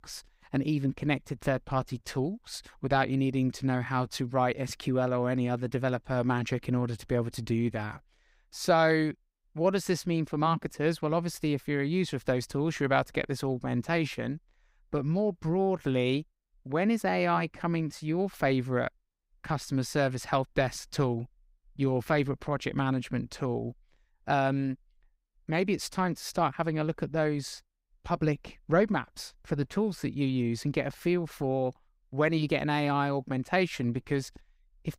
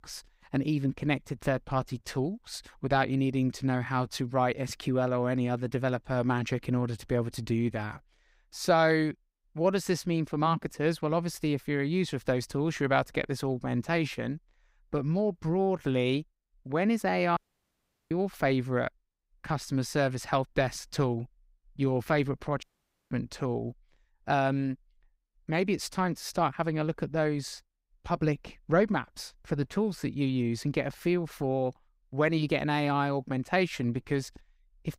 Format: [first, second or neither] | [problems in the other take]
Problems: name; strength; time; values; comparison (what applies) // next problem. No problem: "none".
first | audio cutting out; at 17 s for 0.5 s and at 23 s